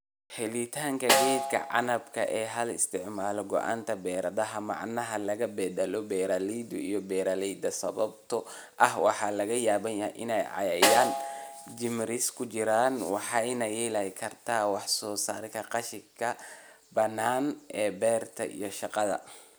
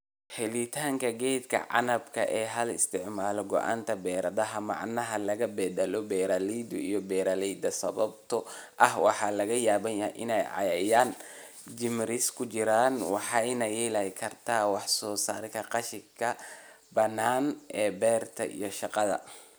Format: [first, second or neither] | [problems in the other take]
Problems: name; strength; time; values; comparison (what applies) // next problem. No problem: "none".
second | background sound (Snare drum); 1 dB below the speech